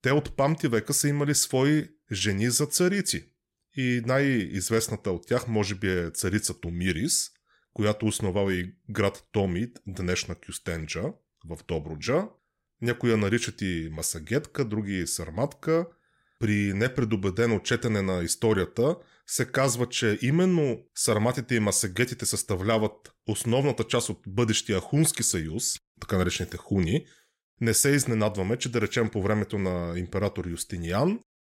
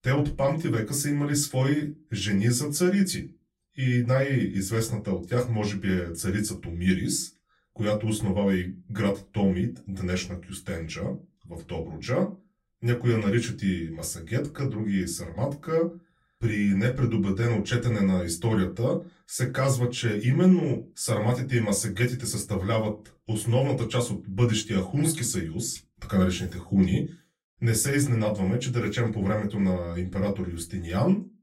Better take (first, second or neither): first